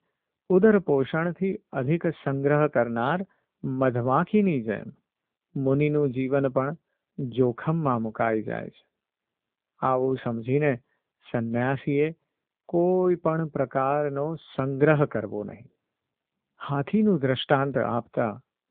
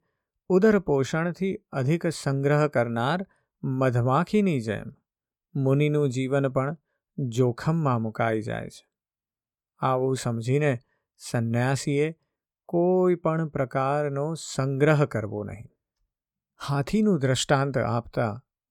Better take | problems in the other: second | phone-call audio; nothing above 3.5 kHz

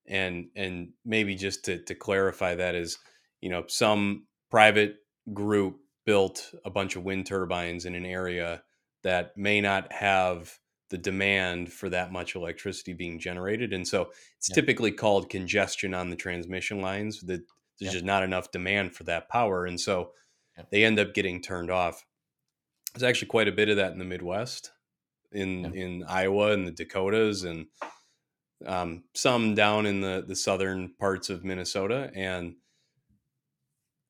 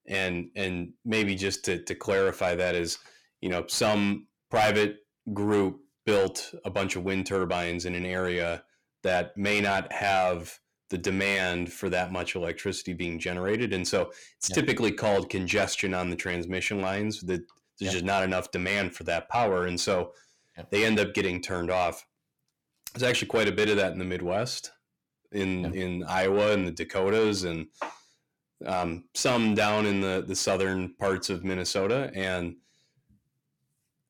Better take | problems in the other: first | distortion; heavy; 8 dB below the speech

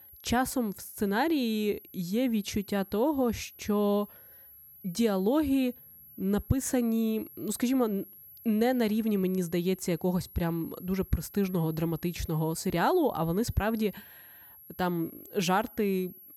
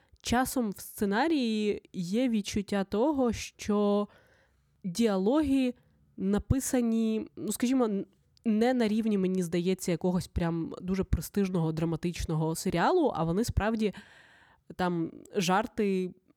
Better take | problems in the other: second | high-pitched whine; noticeable; throughout; 11.5 kHz, 20 dB below the speech

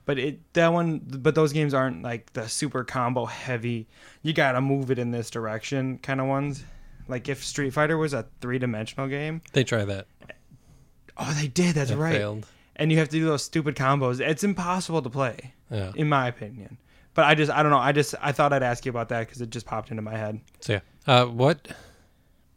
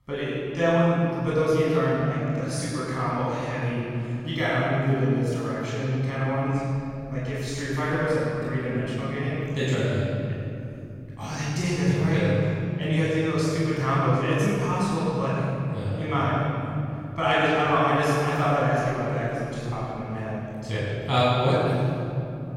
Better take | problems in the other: first | off-mic speech; far // room echo; strong; dies away in 3 s

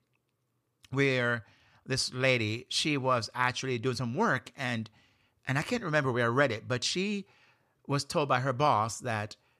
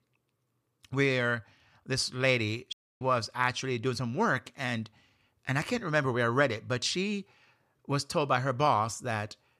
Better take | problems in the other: first | audio cutting out; at 2.5 s

